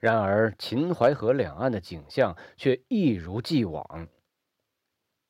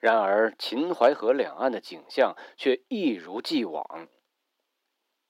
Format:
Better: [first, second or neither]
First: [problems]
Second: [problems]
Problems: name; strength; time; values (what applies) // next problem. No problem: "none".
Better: first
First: none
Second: thin; very slightly; fading below 250 Hz